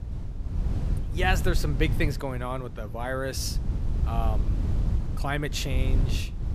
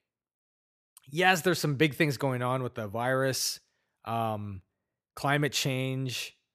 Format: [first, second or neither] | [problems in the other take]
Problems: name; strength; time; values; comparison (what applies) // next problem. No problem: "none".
second | wind noise on the microphone; occasional gusts; 10 dB below the speech